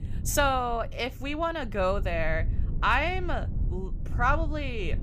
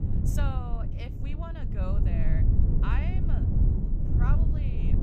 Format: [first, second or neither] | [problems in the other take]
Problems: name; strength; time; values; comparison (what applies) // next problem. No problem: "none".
first | low rumble; loud; throughout; as loud as the speech; faint in the first